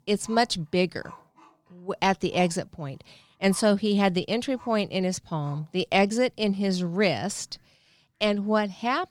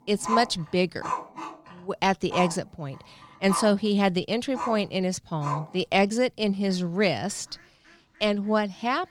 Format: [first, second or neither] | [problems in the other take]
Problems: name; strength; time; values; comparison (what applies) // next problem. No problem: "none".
first | animal sounds; loud; throughout; 8 dB below the speech; faint in the first